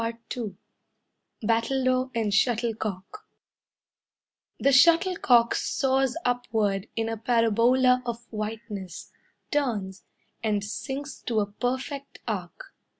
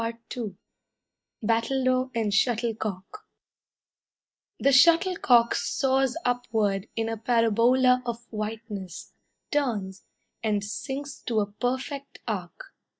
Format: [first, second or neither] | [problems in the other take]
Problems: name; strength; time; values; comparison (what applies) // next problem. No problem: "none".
first | noise reduction (neural mask model DeepFilterNet 3)